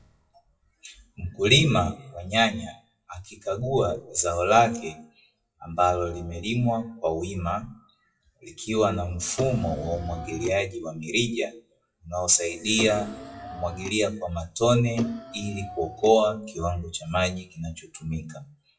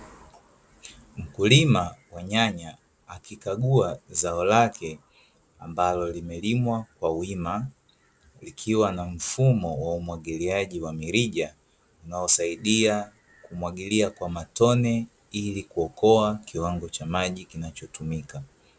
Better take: second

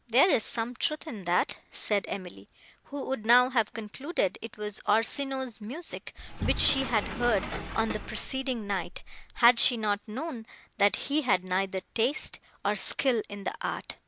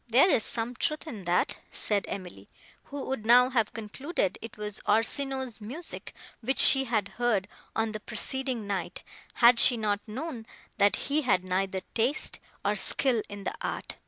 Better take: second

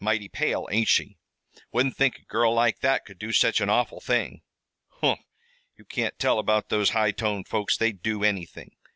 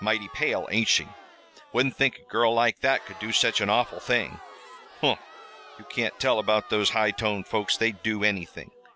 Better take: first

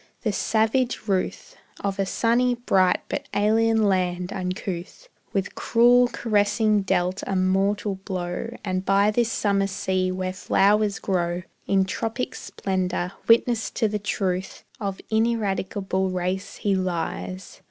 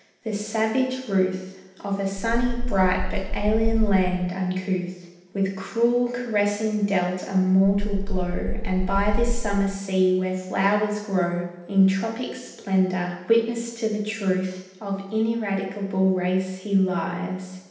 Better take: first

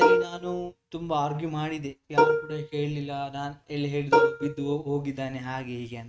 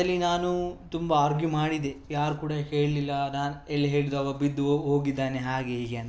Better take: second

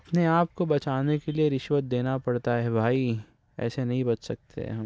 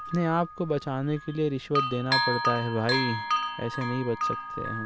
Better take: first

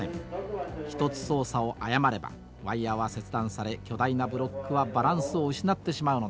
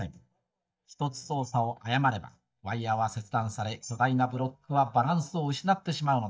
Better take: first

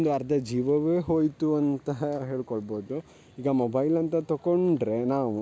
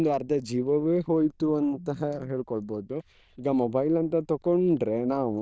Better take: first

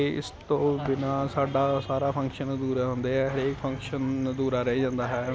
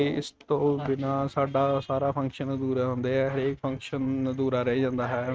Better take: first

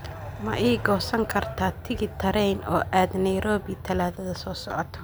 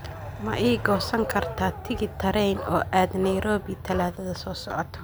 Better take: first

